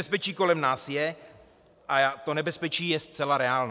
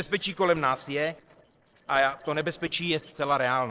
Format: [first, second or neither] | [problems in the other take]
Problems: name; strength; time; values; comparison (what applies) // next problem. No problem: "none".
first | noise reduction (neural separator model SepFormer DNS4)